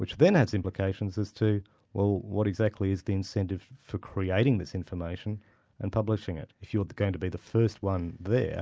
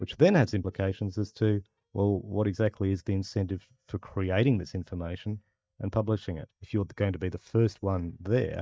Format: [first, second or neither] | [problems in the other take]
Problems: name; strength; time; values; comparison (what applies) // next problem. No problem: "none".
first | noise reduction (neural mask model DeepFilterNet 3)